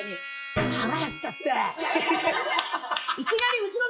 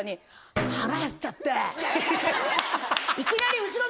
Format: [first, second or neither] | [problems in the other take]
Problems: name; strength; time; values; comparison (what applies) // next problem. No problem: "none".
second | noise reduction (classical method log-MMSE)